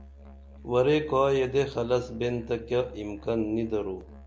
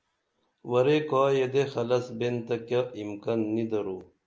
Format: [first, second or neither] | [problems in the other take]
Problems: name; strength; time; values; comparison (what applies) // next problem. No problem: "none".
second | background sound (Musical instrument); 19 dB below the speech